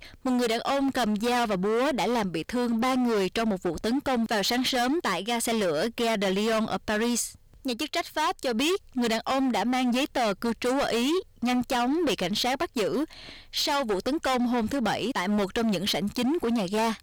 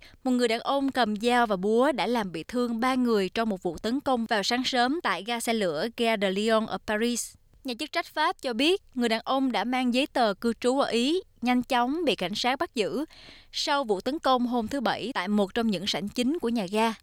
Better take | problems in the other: second | distortion; heavy; 27% of the sound clipped

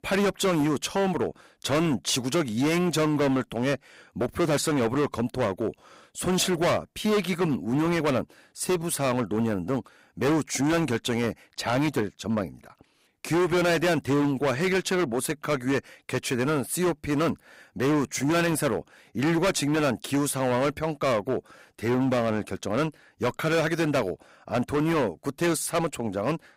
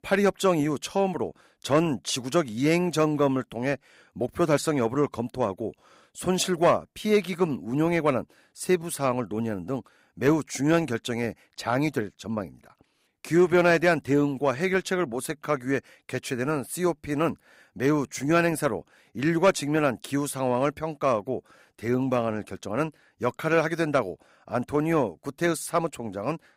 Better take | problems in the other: second | distortion; heavy; 16% of the sound clipped

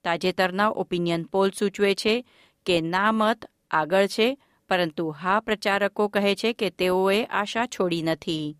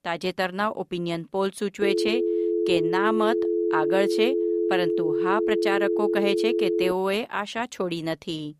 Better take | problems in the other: first | phone ringing; loud; from 2 to 7 s; peak 3 dB above the speech

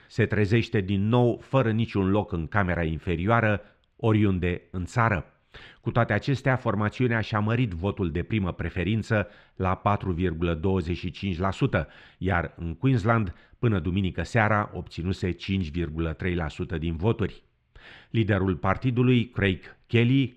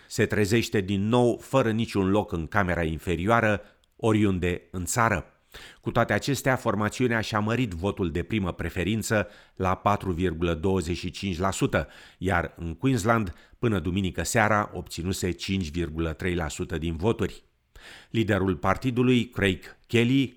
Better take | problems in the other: second | muffled; slightly; fading above 3 kHz

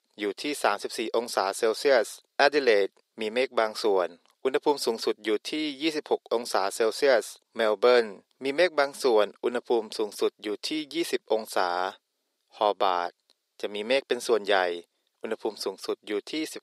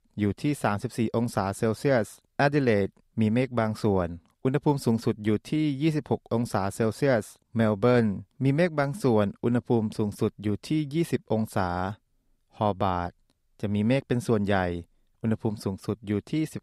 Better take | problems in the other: second | thin; very; fading below 400 Hz

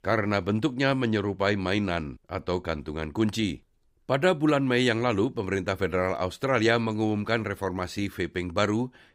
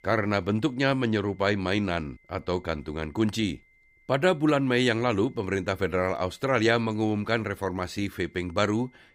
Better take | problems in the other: first | high-pitched whine; faint; throughout; 2 kHz, 35 dB below the speech

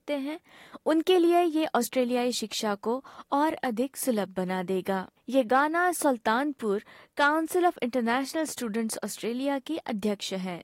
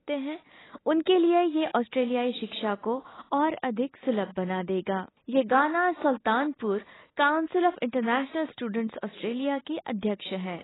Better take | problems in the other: first | garbled, watery; badly; nothing above 4 kHz; slightly in the first

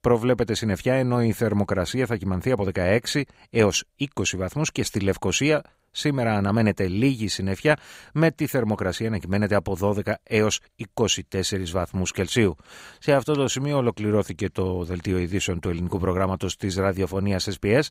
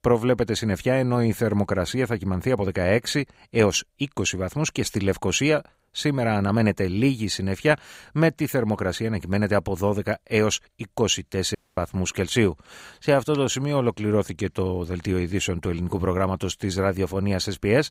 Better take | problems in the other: first | audio cutting out; at 12 s

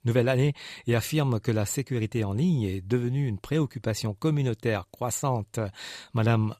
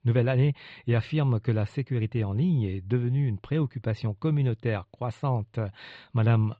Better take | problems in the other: first | muffled; slightly; fading above 3.5 kHz

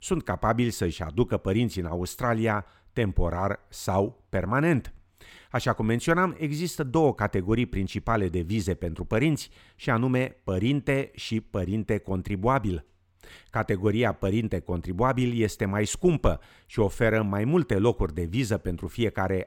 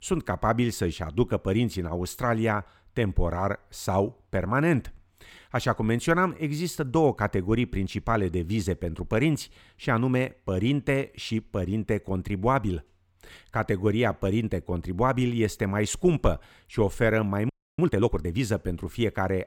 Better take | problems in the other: first | audio freezing; at 17 s

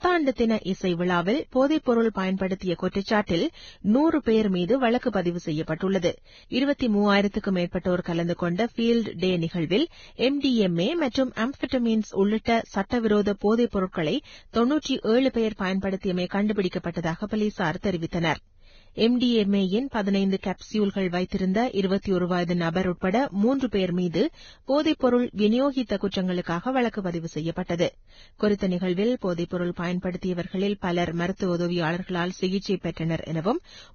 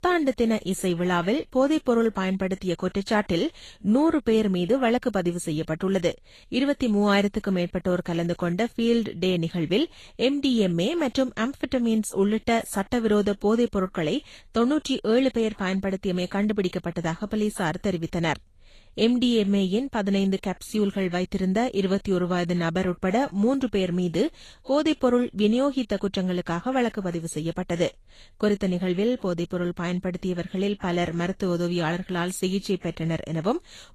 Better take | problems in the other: second | garbled, watery; badly; nothing above 6.5 kHz; slightly in the second

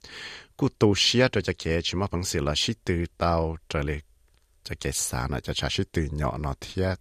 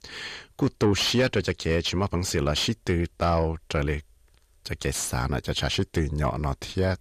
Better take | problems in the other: first | distortion; slight; 10 dB below the speech

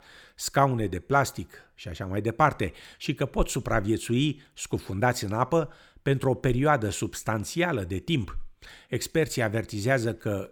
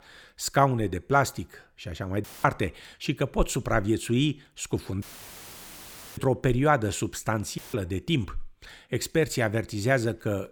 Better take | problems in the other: first | audio cutting out; filled with static; at 2 s, at 5 s for 1 s and at 7.5 s

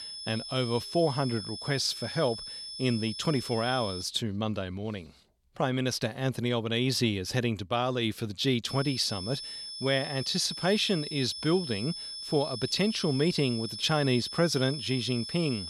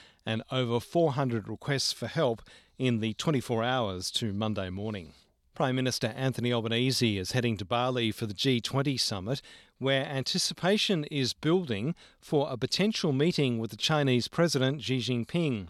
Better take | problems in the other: second | high-pitched whine; loud; until 4 s and from 8.5 s on; 5.5 kHz, 8 dB below the speech

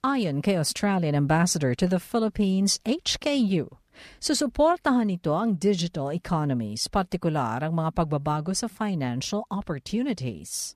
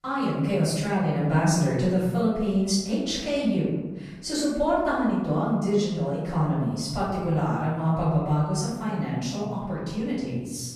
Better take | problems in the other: first | room echo; noticeable; dies away in 1.2 s // off-mic speech; far

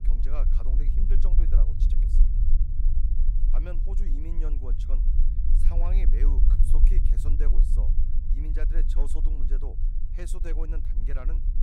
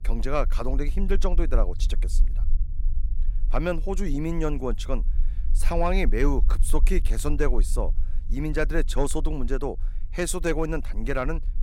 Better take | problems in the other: second | low rumble; loud; throughout; 4 dB below the speech; faint in the second

